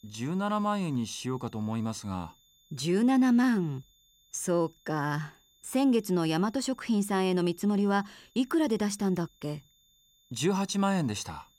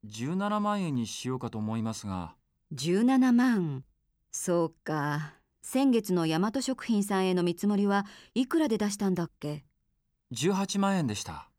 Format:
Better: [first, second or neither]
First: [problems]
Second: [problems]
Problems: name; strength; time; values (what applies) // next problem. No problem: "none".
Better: second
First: high-pitched whine; faint; throughout; 3.5 kHz, 35 dB below the speech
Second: none